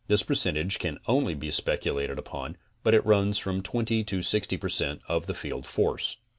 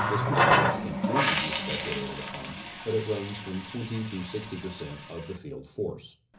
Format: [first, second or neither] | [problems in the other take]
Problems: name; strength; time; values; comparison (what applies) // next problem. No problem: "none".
first | background sound (Water tap, faucet); 5 dB above the speech // room echo; dies away in 0.5 s